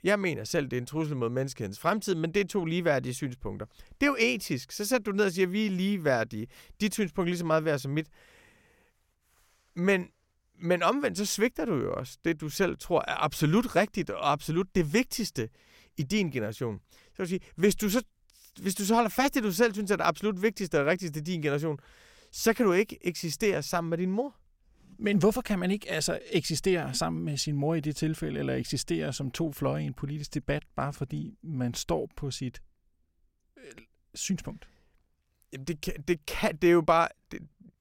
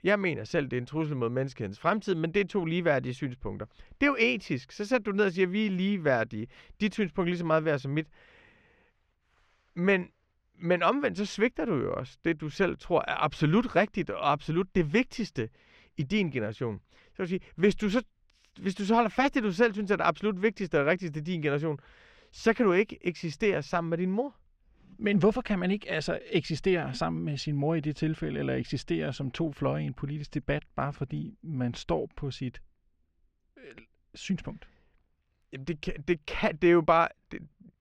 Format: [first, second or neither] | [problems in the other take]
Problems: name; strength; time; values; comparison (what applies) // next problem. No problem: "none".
first | muffled; slightly; fading above 3 kHz